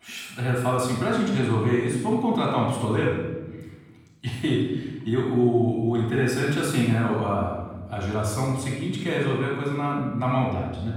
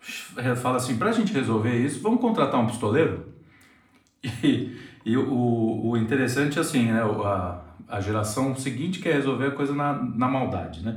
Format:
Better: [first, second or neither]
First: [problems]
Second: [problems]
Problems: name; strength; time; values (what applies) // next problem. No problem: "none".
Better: second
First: room echo; strong; dies away in 1.1 s // off-mic speech; far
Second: room echo; slight; dies away in 0.4 s // off-mic speech; somewhat distant